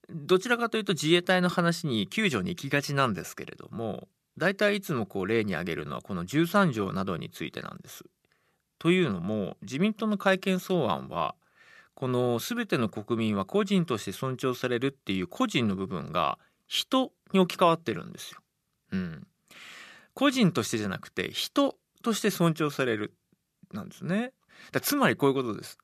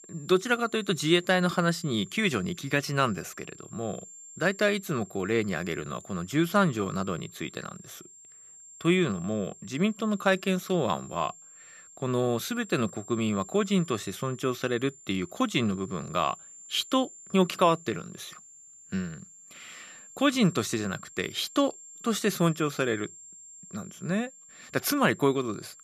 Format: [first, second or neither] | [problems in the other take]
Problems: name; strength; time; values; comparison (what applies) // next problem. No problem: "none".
first | high-pitched whine; noticeable; throughout; 7.5 kHz, 20 dB below the speech